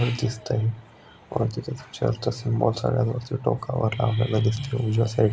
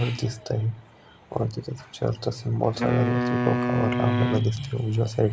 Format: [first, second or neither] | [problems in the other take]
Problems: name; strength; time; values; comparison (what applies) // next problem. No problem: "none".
first | background sound (Wind instrument, woodwind instrument); 1 dB below the speech